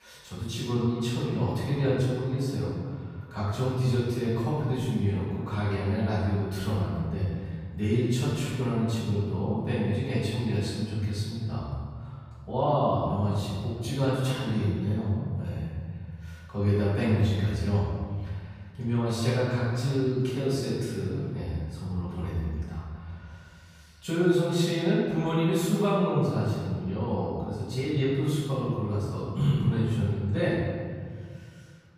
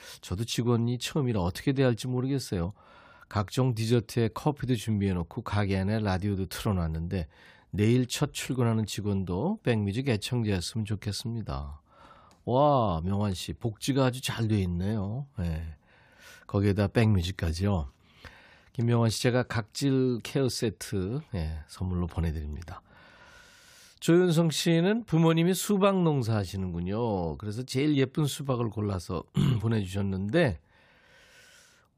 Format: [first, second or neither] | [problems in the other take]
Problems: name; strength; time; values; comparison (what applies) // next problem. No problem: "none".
second | room echo; strong; dies away in 1.8 s // off-mic speech; far